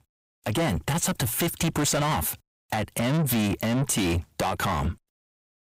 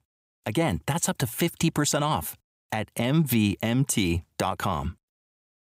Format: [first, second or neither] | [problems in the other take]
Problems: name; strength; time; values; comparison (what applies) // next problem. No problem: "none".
second | distortion; heavy; 6 dB below the speech